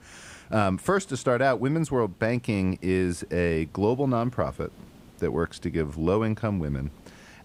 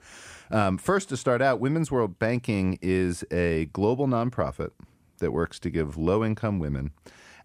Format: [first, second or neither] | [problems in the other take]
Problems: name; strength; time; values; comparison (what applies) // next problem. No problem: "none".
second | hiss; faint; throughout; 25 dB below the speech